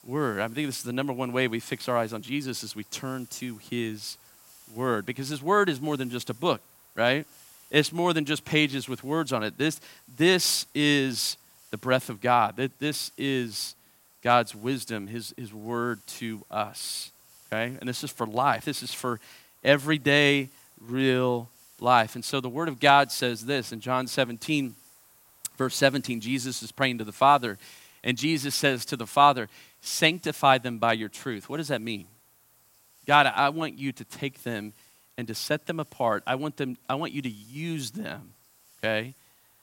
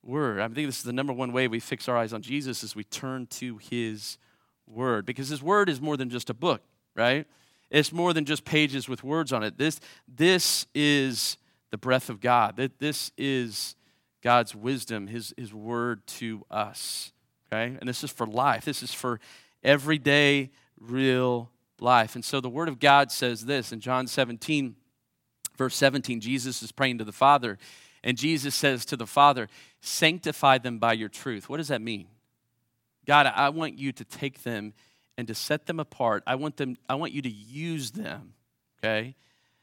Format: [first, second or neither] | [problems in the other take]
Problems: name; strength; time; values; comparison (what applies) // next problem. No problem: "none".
second | hiss; faint; throughout; 25 dB below the speech